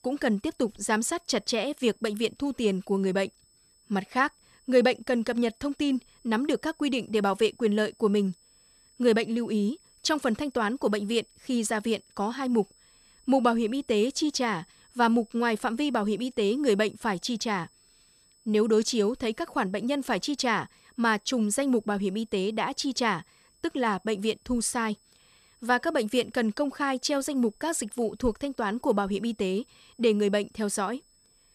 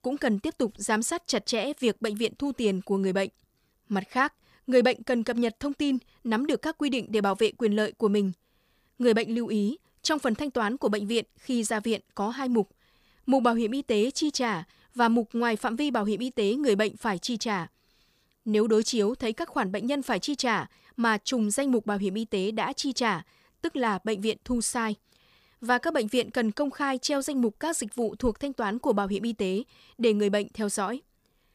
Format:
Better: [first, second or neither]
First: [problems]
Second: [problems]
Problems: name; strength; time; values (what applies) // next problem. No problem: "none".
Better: second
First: high-pitched whine; faint; throughout; 8 kHz, 30 dB below the speech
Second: none